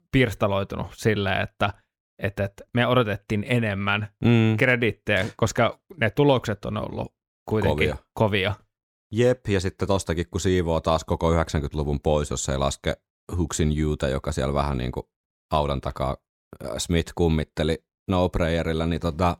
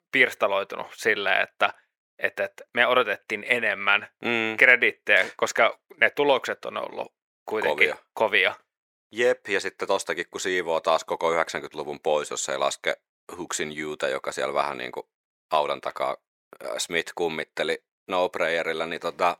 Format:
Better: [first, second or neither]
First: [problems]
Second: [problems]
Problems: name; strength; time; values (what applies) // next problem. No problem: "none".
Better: first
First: none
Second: thin; very; fading below 550 Hz